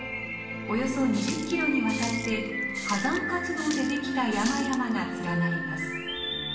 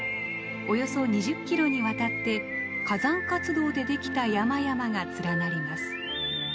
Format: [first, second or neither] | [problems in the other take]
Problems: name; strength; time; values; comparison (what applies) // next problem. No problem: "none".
second | background sound (Water tap, faucet); 13 dB below the speech // room echo; dies away in 0.9 s